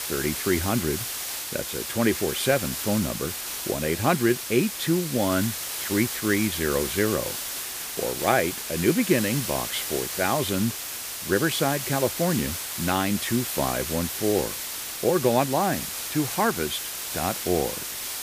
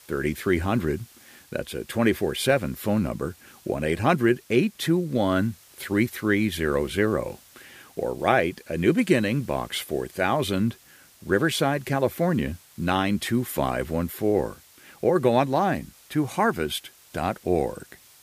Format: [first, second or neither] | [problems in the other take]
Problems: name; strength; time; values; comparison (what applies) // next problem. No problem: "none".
second | hiss; loud; throughout; 4 dB below the speech; faint in the second